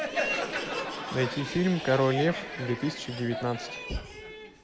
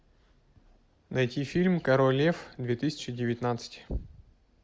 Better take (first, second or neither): second